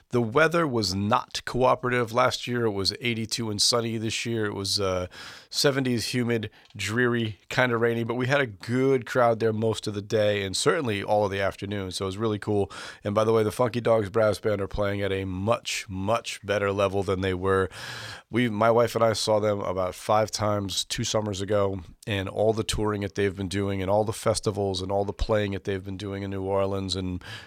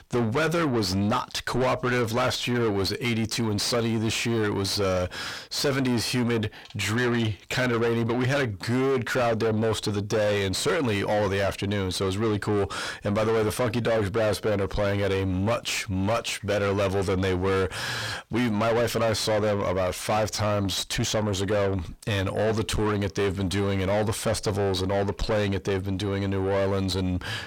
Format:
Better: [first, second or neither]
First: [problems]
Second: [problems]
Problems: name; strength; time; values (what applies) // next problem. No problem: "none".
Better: first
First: none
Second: distortion; heavy; 6 dB below the speech